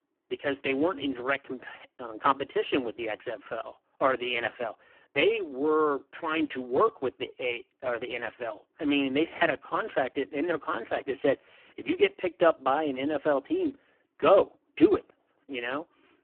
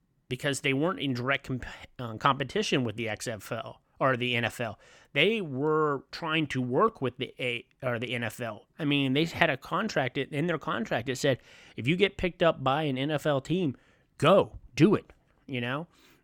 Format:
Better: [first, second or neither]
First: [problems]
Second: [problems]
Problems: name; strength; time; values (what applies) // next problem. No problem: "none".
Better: second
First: phone-call audio; poor line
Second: none